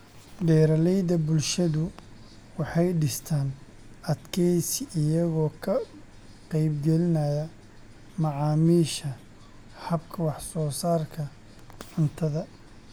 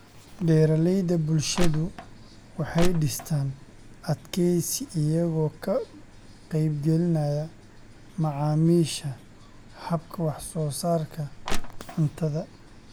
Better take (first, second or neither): first